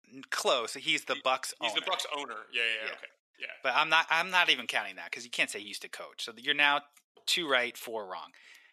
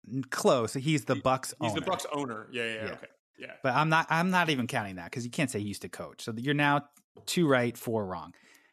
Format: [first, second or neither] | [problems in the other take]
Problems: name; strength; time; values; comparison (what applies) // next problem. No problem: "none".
second | thin; very; fading below 500 Hz